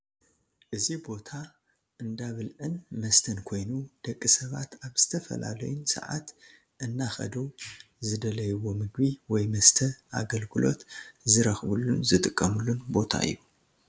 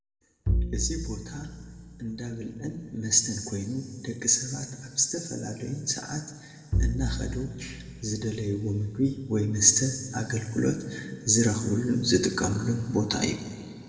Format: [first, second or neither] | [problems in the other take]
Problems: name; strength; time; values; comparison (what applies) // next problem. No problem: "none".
first | background sound (Bowed string instrument); 3 dB below the speech // room echo; dies away in 2.1 s